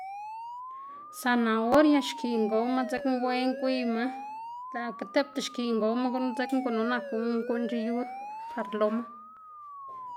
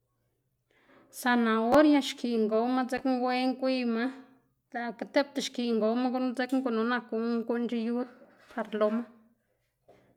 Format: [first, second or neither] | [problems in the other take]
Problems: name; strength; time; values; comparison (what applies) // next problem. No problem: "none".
second | background sound (Siren); 11 dB below the speech